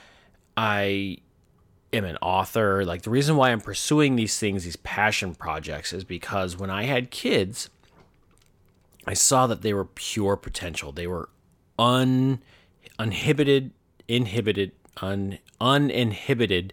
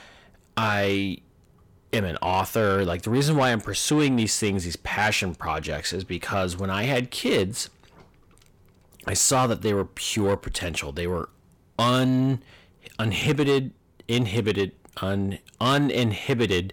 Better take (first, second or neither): first